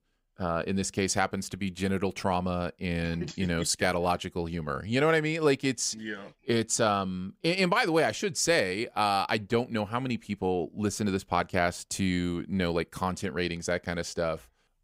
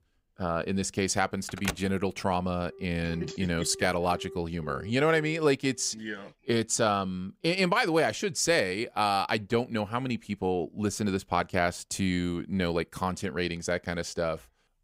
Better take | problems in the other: first | alarms or sirens; noticeable; until 5.5 s; 15 dB below the speech

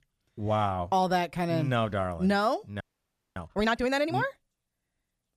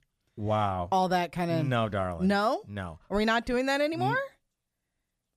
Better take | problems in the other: second | audio freezing; at 3 s for 0.5 s

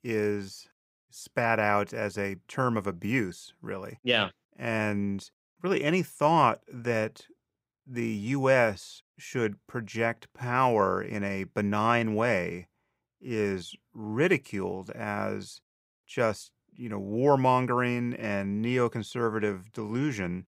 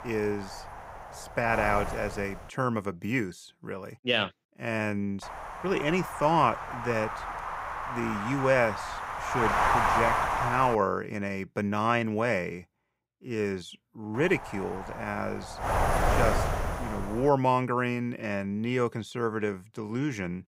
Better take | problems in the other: first | wind noise on the microphone; heavy; until 2.5 s, from 5 to 11 s and from 14 to 17 s; as loud as the speech

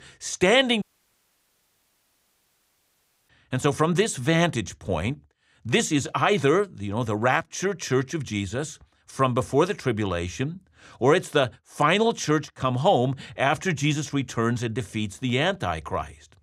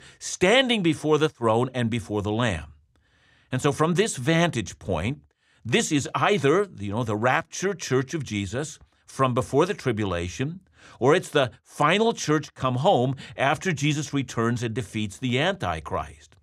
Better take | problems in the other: second | audio cutting out; at 1 s for 2.5 s

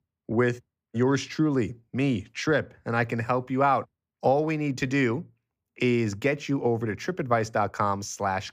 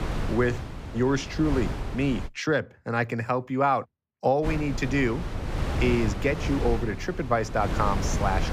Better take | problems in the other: first | wind noise on the microphone; heavy; until 2.5 s and from 4.5 s on; 9 dB below the speech

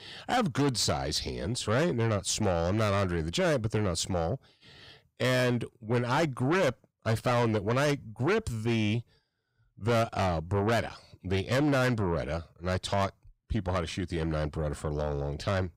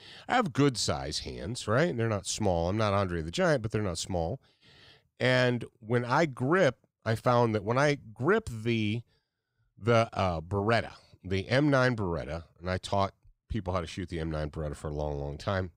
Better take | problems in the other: second | distortion; heavy; 8 dB below the speech

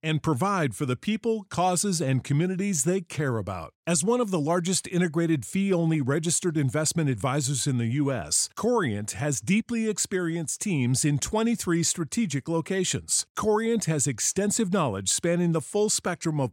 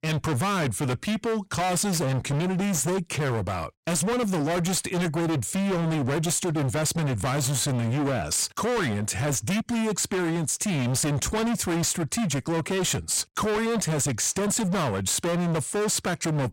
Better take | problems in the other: first | distortion; heavy; 45% of the sound clipped

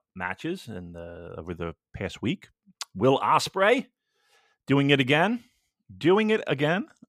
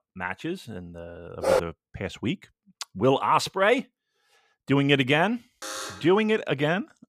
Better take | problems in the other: first | dog barking; loud; at 1.5 s; peak level with the speech // alarm; noticeable; at 5.5 s; peak 9 dB below the speech

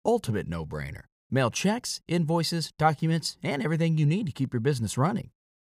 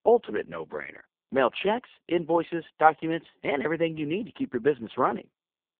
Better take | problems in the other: first | phone-call audio; poor line

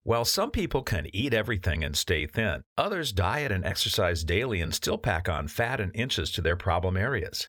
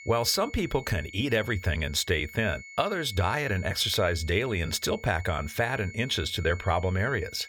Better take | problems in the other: first | high-pitched whine; noticeable; throughout; 2 kHz, 15 dB below the speech

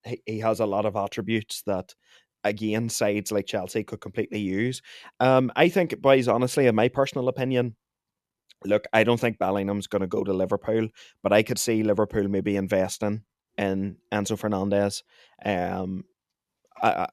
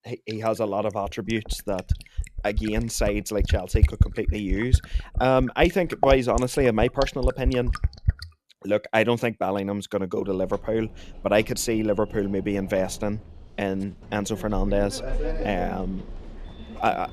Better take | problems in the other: first | household noises; loud; throughout; 5 dB below the speech

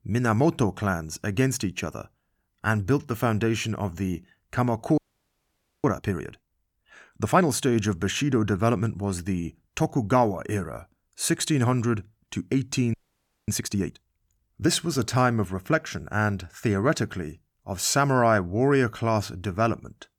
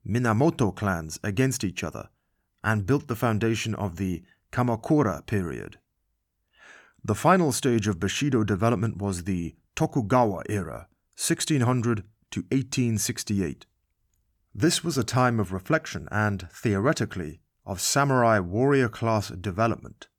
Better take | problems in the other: second | audio freezing; at 5 s for 1 s and at 13 s for 0.5 s

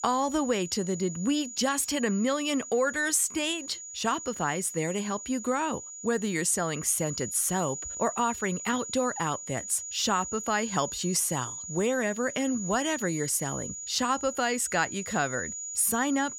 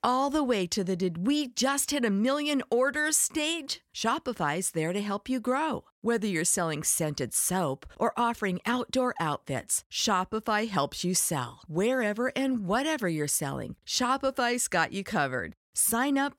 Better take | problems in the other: second | high-pitched whine; loud; throughout; 7 kHz, 8 dB below the speech

